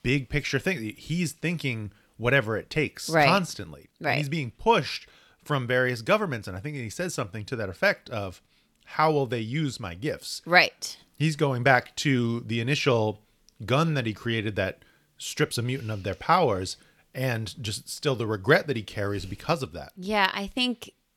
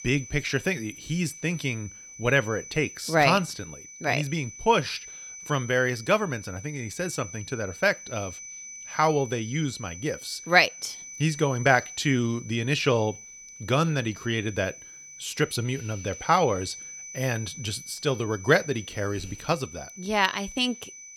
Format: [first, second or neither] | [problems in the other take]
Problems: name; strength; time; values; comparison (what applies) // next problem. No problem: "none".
first | high-pitched whine; noticeable; throughout; 6 kHz, 15 dB below the speech